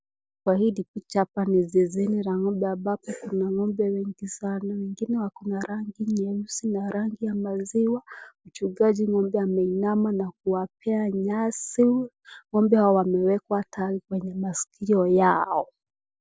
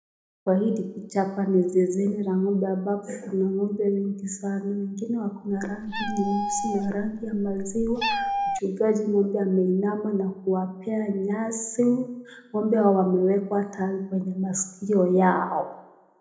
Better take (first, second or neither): first